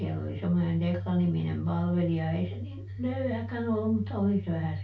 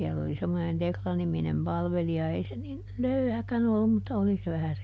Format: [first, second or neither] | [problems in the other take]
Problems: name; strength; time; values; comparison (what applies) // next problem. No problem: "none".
second | room echo; dies away in 0.3 s